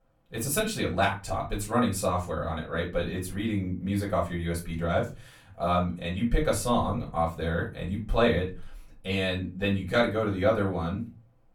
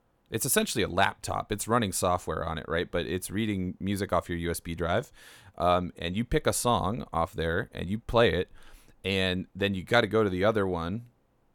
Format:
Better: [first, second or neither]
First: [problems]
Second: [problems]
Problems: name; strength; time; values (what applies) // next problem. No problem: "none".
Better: second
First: off-mic speech; far // room echo; very slight; dies away in 0.3 s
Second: none